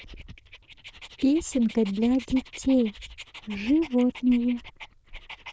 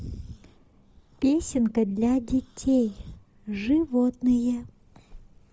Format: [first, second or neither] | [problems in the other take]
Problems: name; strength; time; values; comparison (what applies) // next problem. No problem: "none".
second | noise reduction (neural diffusion model UNIVERSE++)